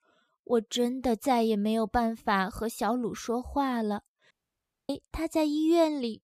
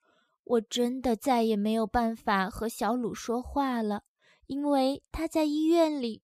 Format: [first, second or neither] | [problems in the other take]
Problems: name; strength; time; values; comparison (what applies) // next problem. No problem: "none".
second | audio cutting out; at 4.5 s for 0.5 s